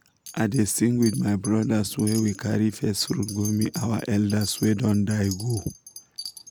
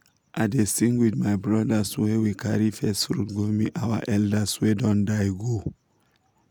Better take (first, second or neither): second